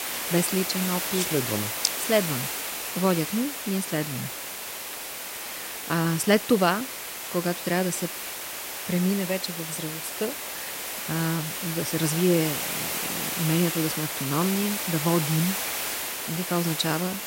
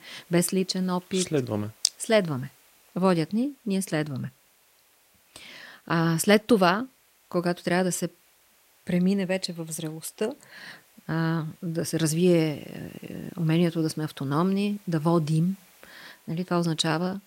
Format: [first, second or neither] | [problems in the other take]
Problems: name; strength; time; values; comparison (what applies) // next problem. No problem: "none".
second | hiss; loud; throughout; 3 dB below the speech; faint in the second